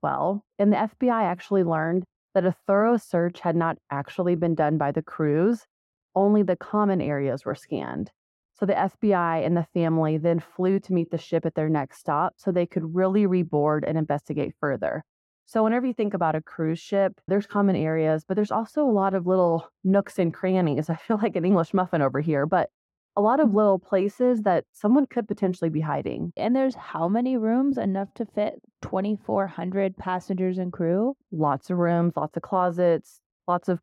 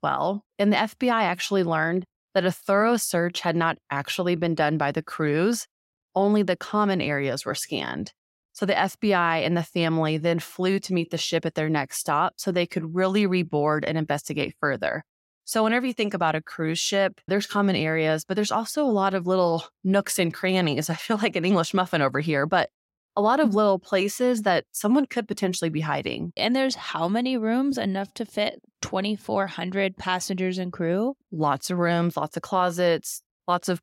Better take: second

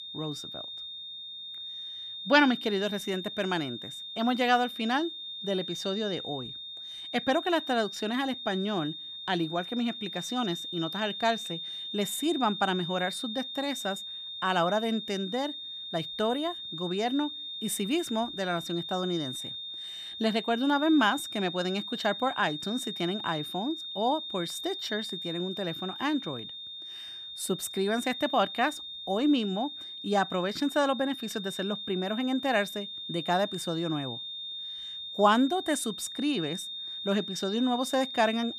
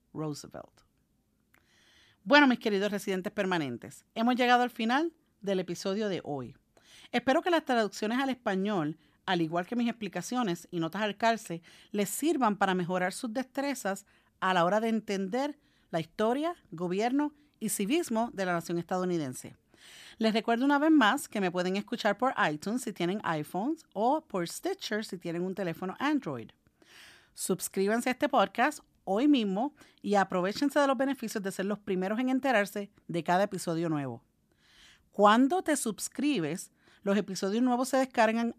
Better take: second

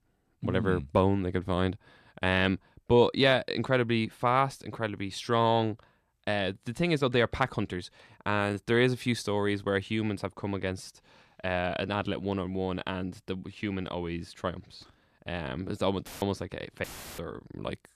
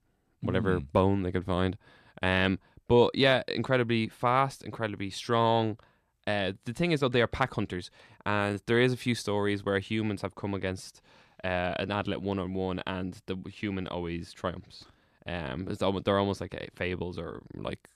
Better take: second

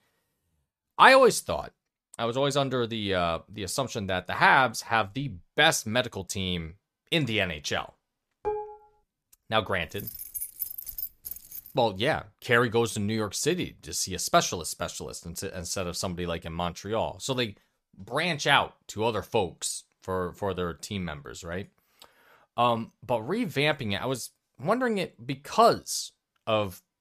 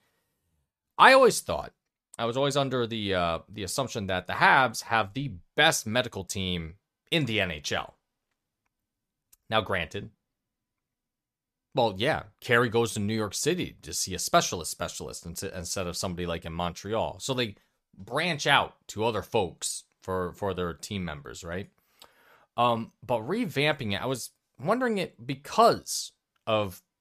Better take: second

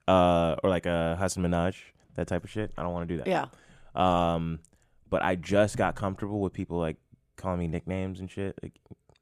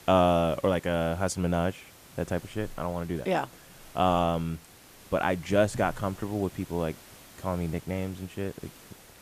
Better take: first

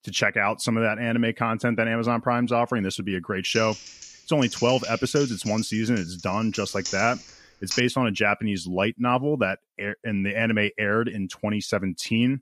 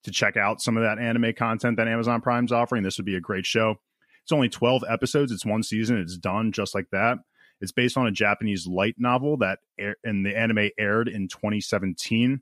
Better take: second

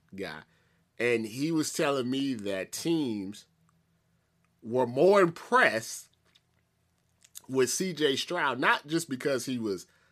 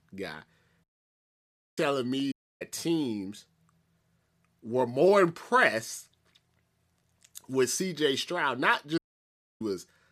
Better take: first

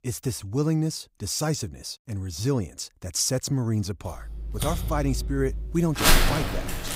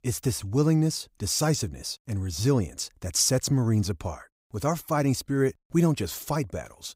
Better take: second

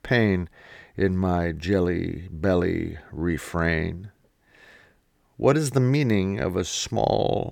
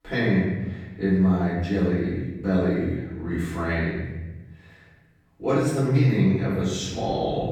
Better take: first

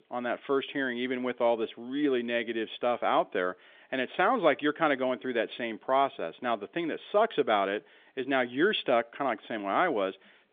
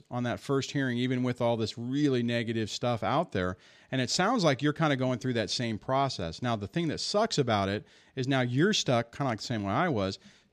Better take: second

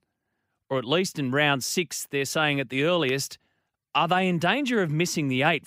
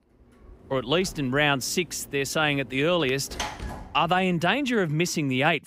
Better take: first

